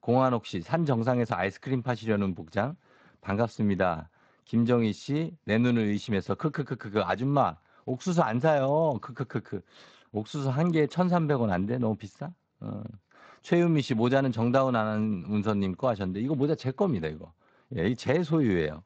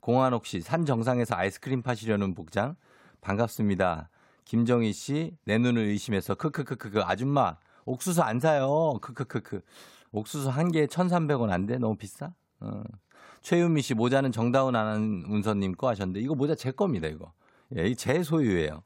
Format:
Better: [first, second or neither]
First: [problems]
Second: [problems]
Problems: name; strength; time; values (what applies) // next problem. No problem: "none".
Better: second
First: garbled, watery; slightly; nothing above 7.5 kHz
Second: none